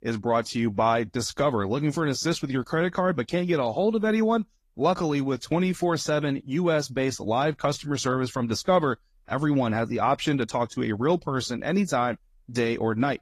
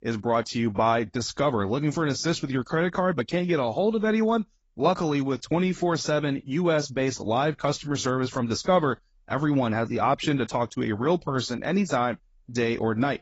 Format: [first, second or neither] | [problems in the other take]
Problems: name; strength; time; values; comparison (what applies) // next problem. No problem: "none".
first | garbled, watery; badly; nothing above 7.5 kHz; slightly in the first